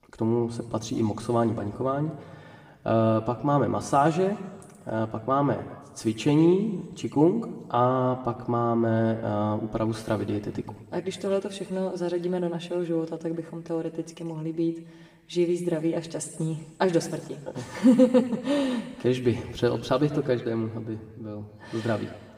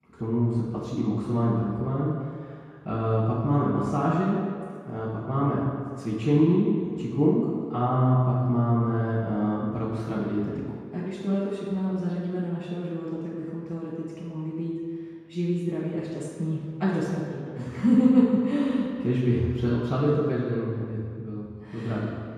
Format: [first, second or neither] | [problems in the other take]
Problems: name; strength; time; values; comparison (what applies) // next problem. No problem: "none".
first | room echo; strong; dies away in 2 s; slight in the first // off-mic speech; far; somewhat distant in the first